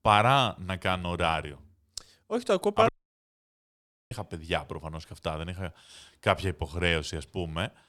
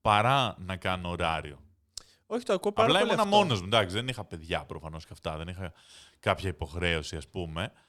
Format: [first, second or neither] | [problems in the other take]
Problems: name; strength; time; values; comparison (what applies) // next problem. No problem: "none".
second | audio cutting out; at 3 s for 1 s